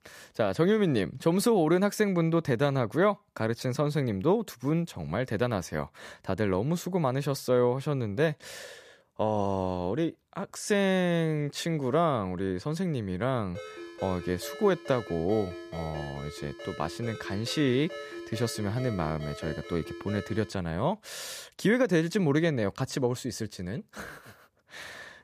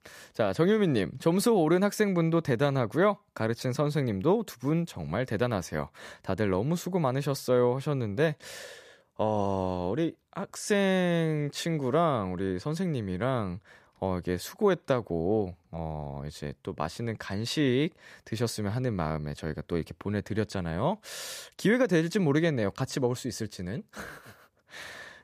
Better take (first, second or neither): second